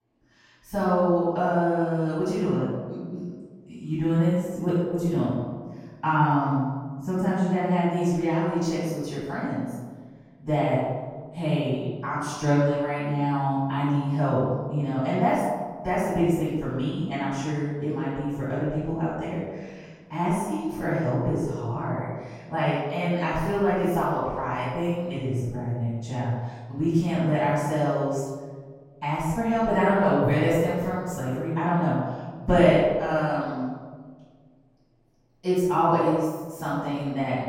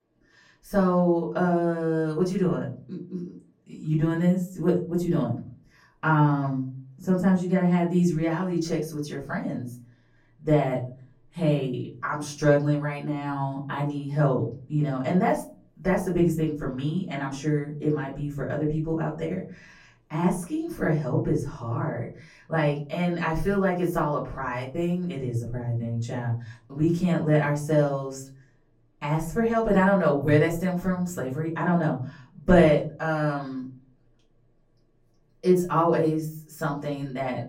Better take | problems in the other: second | room echo; strong; dies away in 1.3 s; slight in the second // off-mic speech; far; far in the second

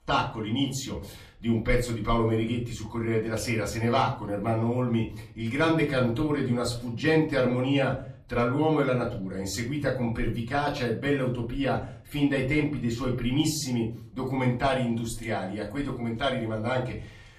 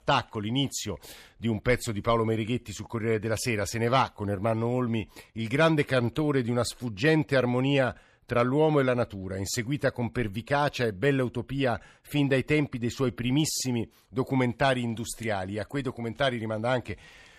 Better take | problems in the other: second | off-mic speech; far // room echo; very slight; dies away in 0.4 s

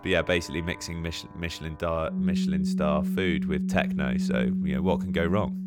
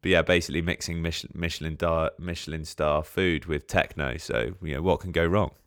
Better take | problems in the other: second | background music; very loud; throughout; 2 dB above the speech

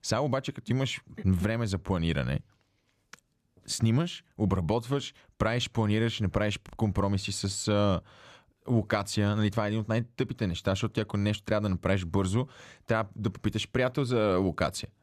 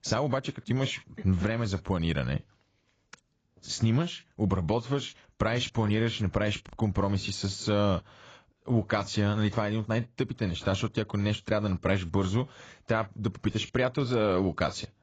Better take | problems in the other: first | garbled, watery; badly; nothing above 7.5 kHz

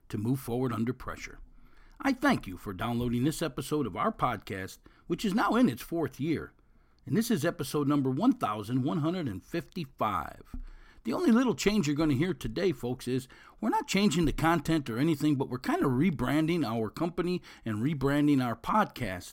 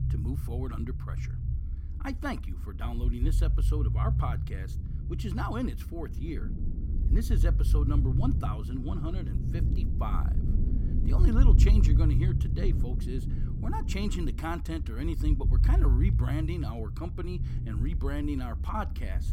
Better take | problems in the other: first | low rumble; loud; throughout; 6 dB below the speech

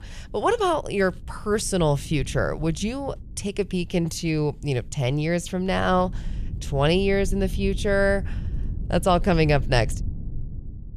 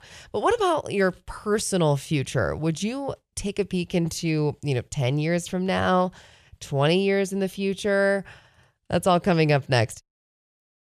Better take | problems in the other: second | low rumble; faint; throughout; 25 dB below the speech

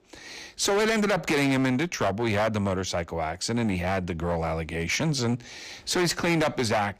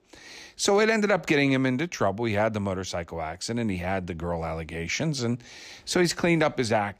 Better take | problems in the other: second | distortion; heavy; 15% of the sound clipped

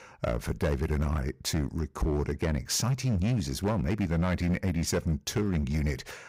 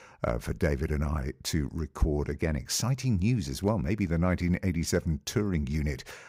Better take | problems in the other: second | distortion; slight; 10% of the sound clipped

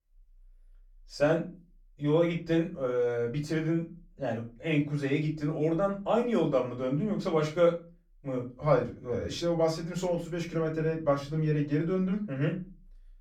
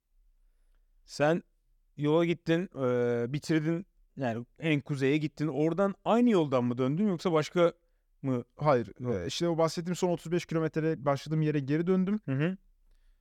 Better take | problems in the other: second | off-mic speech; far // room echo; very slight; dies away in 0.3 s

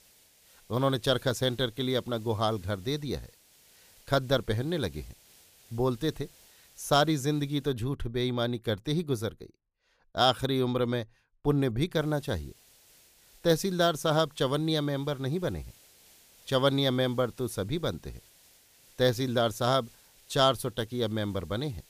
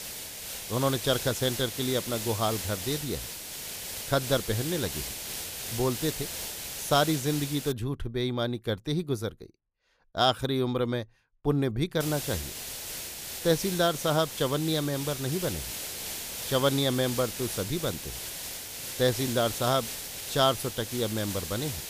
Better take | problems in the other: first | hiss; loud; until 7.5 s and from 12 s on; 6 dB below the speech; faint in the first

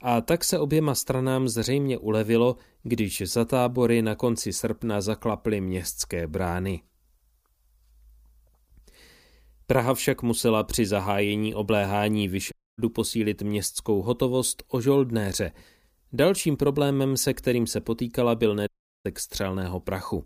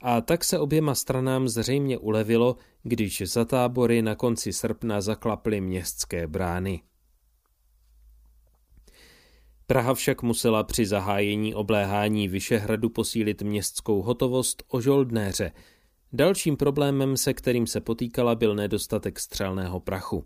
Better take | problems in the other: second | audio cutting out; at 13 s and at 19 s

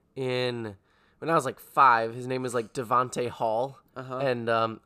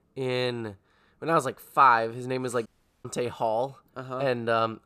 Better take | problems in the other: first | audio cutting out; at 2.5 s

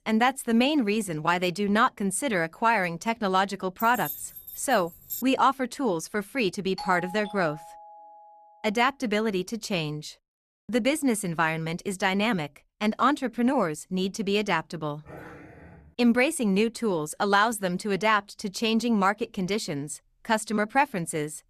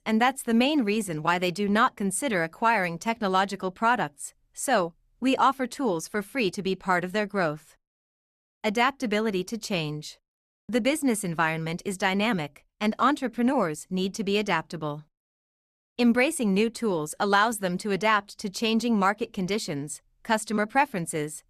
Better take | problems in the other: second | jangling keys; noticeable; from 4 to 5 s; peak 9 dB below the speech // doorbell; faint; from 7 to 8.5 s; peak 10 dB below the speech // dog barking; faint; at 15 s; peak 20 dB below the speech

